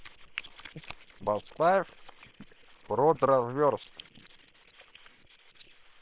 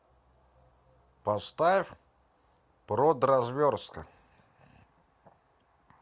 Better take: second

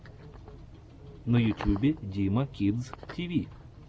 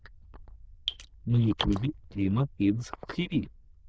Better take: first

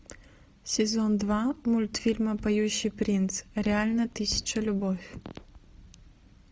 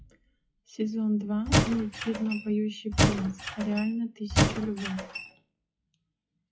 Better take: first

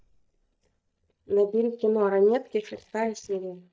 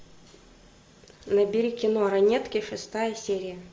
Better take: second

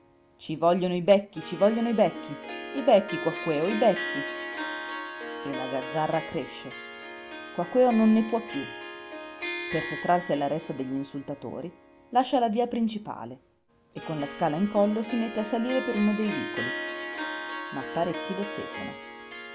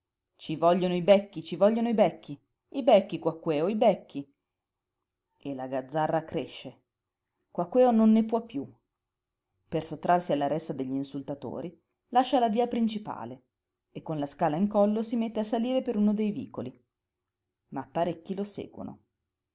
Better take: second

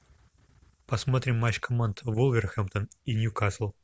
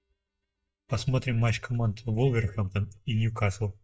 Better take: first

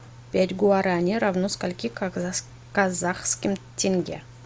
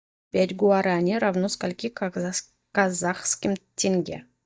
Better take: first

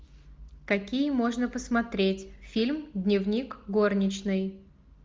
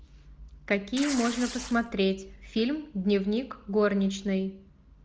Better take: first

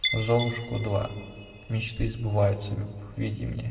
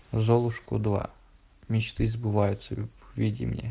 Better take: second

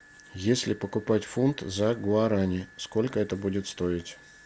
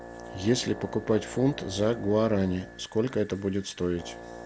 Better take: first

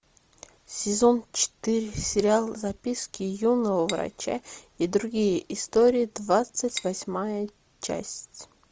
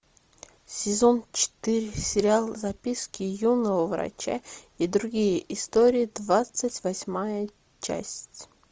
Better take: second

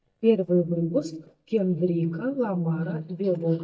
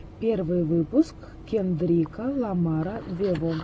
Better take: second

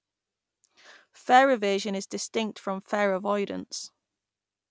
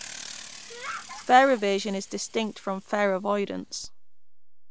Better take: first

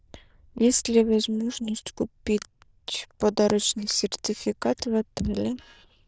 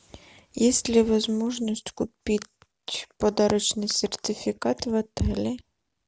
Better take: second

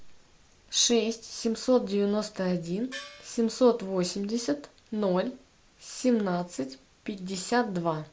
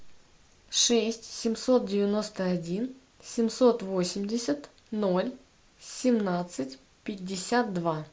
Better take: second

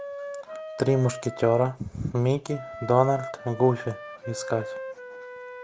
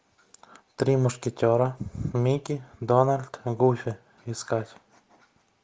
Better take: second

